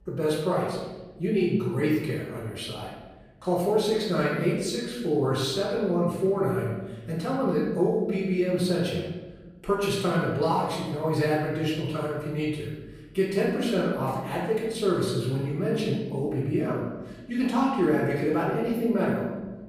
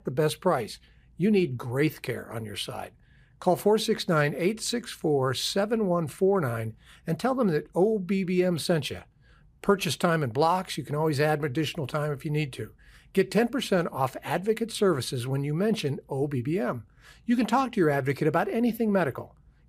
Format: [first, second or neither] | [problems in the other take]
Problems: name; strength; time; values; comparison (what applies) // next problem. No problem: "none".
second | off-mic speech; far // room echo; noticeable; dies away in 1 s